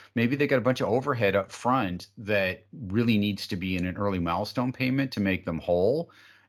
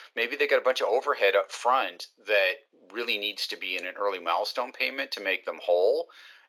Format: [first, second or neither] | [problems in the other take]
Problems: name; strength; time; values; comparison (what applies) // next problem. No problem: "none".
first | thin; very; fading below 400 Hz